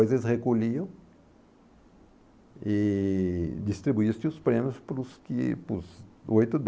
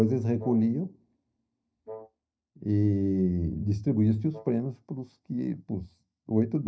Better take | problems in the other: first | noise reduction (neural mask model DeepFilterNet 3)

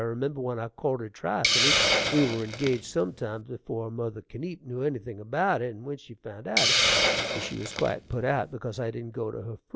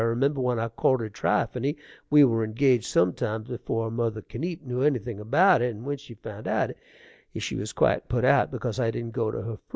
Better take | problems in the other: second | background sound (Hiss); as loud as the speech

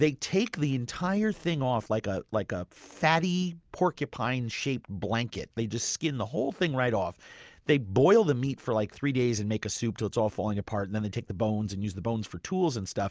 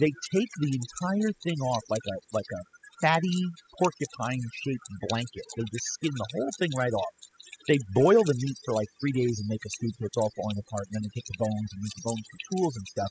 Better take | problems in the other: first | noise reduction (classical method spectral subtraction)

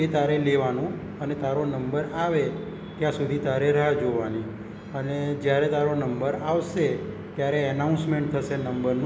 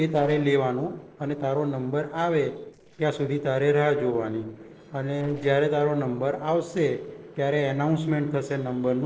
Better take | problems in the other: first | noise reduction (neural separator model SepFormer DNS4)

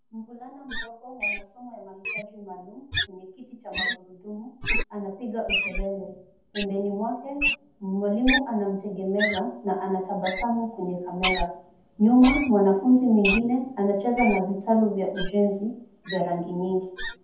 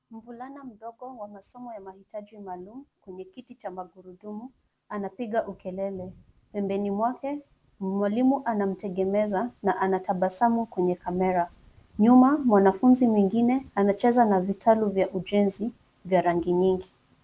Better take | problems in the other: second | background sound (Wild animals); 7 dB below the speech // room echo; dies away in 0.6 s

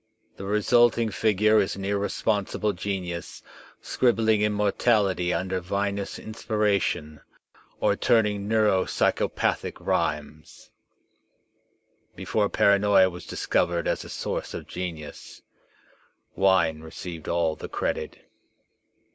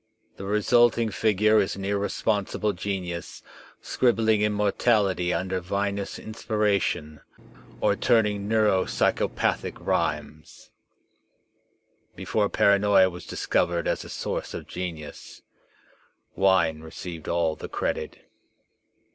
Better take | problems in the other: first | background sound (Engine); 20 dB below the speech

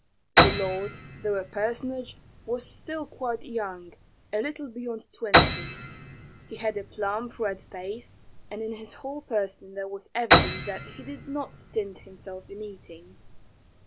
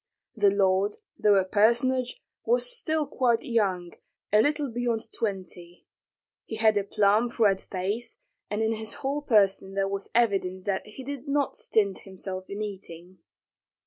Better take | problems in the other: second | background sound (Piano); 3 dB above the speech

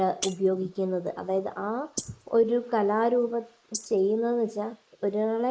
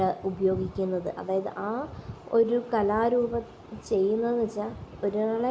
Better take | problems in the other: second | noise reduction (neural mask model Resemble Enhance denoiser)

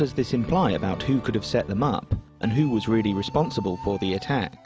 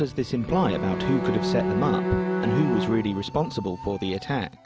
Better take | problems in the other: first | background sound (Bowed string instrument); 2 dB below the speech

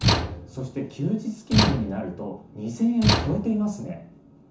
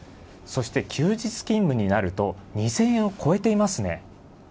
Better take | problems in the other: second | background sound (Slam / Tools); as loud as the speech // room echo; dies away in 0.9 s

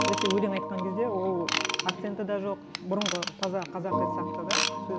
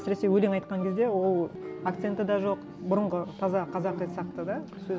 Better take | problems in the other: second | background sound (Organ + Ratchet, pawl / Tools); as loud as the speech

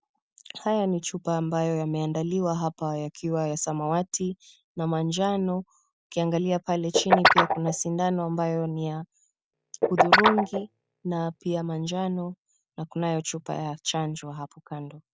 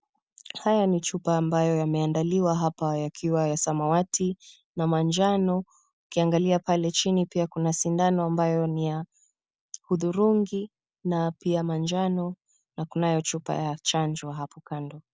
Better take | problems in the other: second | background sound (Guitar); 3 dB above the speech

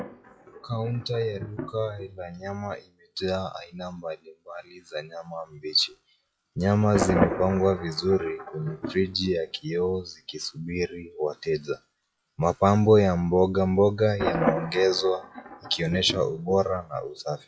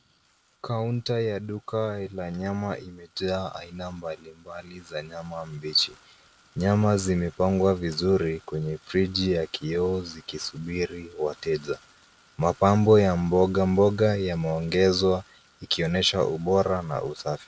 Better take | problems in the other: second | noise reduction (classical method log-MMSE)

